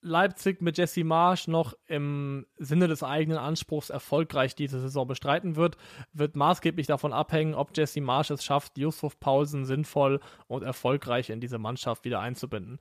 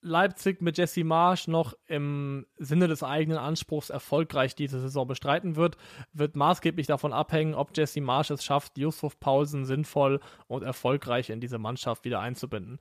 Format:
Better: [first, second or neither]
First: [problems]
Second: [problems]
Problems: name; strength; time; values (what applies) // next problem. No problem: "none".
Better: neither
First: none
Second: none